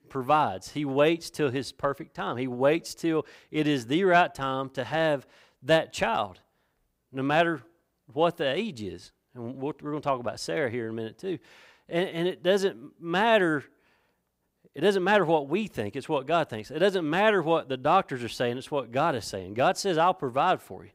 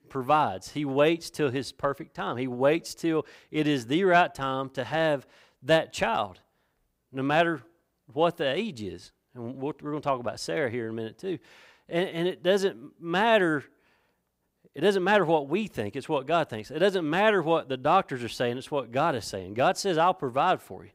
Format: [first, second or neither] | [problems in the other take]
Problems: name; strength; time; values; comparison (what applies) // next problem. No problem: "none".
neither | none